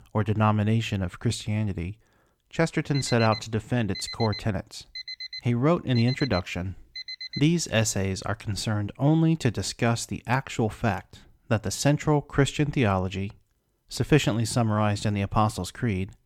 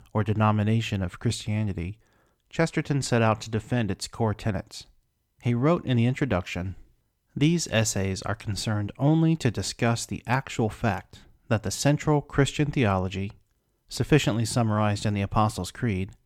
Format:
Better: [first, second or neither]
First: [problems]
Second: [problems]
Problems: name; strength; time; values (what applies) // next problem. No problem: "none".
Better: second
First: alarm; noticeable; from 3 to 7.5 s; peak 9 dB below the speech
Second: none